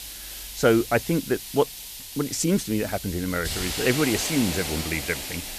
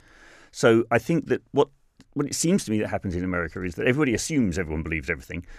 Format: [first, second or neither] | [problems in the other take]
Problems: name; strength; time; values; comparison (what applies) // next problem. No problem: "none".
second | hiss; loud; throughout; 6 dB below the speech